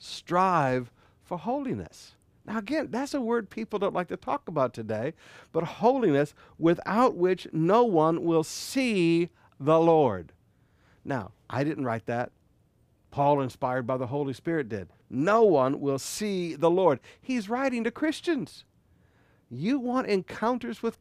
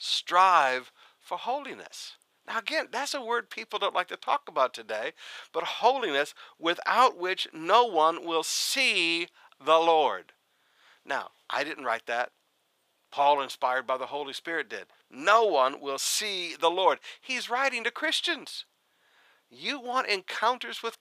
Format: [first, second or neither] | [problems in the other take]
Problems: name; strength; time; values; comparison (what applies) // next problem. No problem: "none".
first | thin; very; fading below 850 Hz